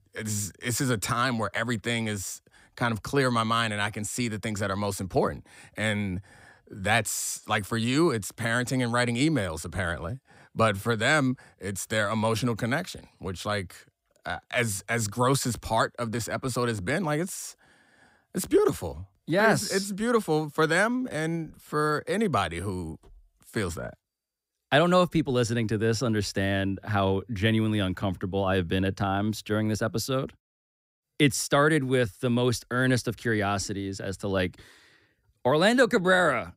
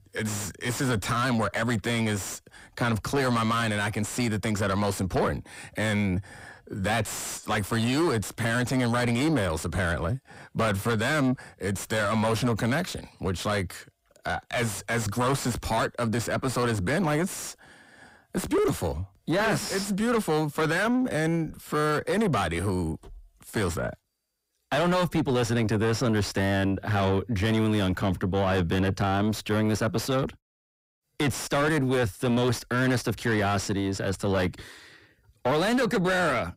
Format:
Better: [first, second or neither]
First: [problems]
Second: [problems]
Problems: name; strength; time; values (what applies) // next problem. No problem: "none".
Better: first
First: none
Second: distortion; heavy; 6 dB below the speech